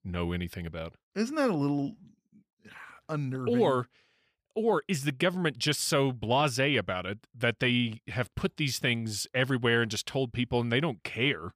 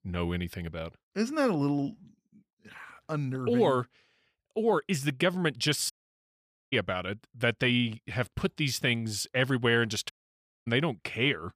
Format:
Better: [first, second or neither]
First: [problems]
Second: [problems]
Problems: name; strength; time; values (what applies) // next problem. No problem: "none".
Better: first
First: none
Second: audio cutting out; at 6 s for 1 s and at 10 s for 0.5 s